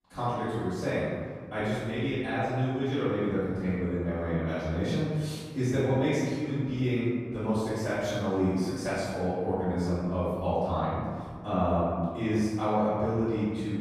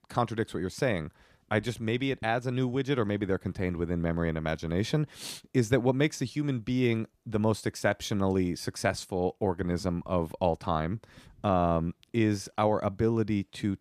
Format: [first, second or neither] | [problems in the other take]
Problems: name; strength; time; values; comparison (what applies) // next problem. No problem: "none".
second | off-mic speech; far // room echo; strong; dies away in 1.6 s